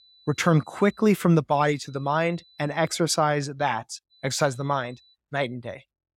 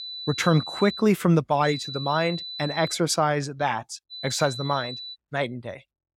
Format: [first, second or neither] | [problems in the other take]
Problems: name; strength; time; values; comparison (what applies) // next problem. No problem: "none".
first | high-pitched whine; loud; until 1 s, from 1.5 to 3 s and from 4 to 5 s; 4 kHz, 9 dB below the speech; faint in the first